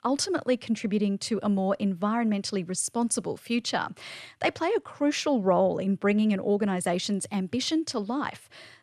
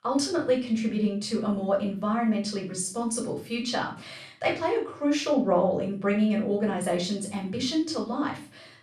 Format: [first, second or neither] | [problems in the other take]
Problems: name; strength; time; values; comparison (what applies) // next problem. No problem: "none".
first | room echo; slight; dies away in 0.3 s // off-mic speech; far